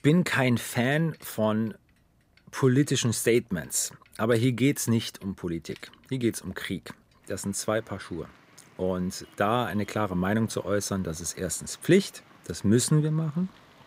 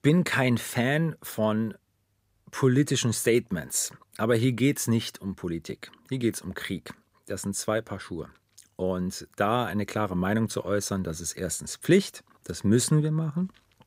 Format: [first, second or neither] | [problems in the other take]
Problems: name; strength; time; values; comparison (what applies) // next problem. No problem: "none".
second | traffic noise; faint; throughout; 30 dB below the speech